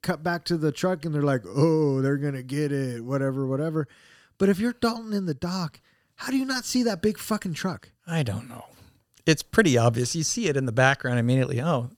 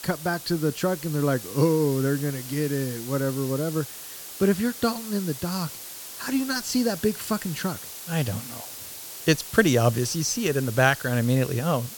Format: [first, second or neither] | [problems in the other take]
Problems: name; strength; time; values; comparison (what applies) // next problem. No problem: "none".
first | hiss; noticeable; throughout; 10 dB below the speech